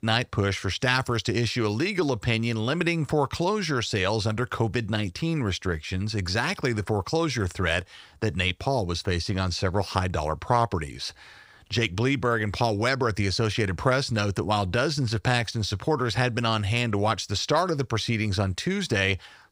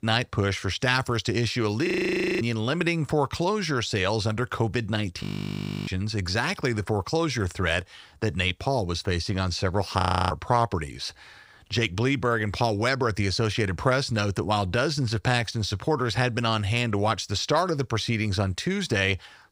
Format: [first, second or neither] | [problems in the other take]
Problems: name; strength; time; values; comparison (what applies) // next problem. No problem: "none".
first | audio freezing; at 2 s for 0.5 s, at 5 s for 0.5 s and at 10 s